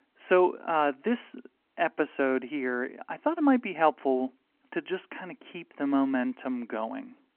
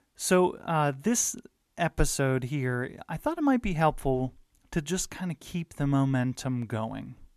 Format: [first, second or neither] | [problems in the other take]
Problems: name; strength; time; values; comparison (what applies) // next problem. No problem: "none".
second | phone-call audio